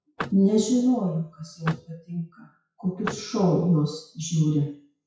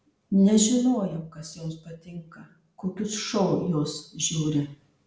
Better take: second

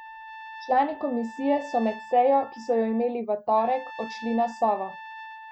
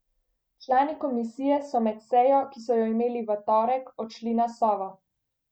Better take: second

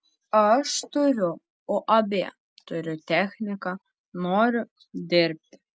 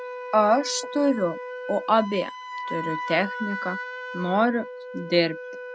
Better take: first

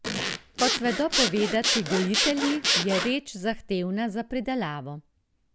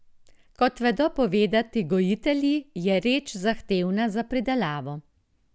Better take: second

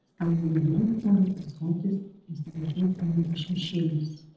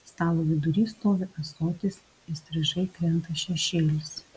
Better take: second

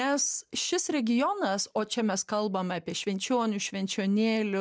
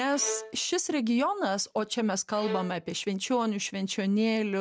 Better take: first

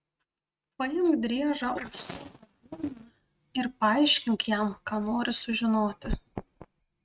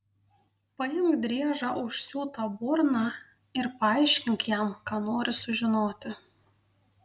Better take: second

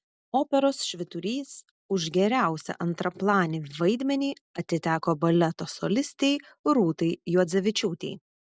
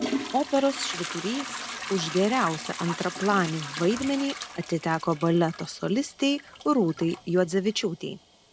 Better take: first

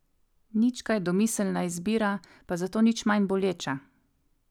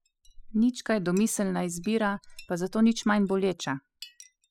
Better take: first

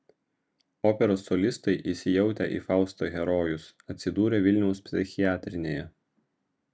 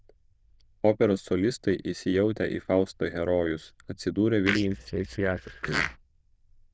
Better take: first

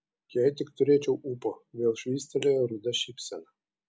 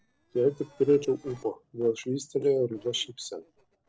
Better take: first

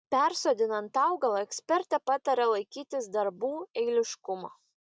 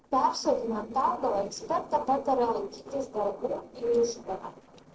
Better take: first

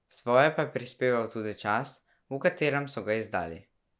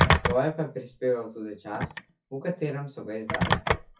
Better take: first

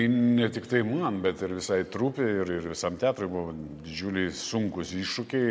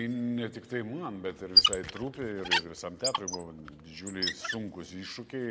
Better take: first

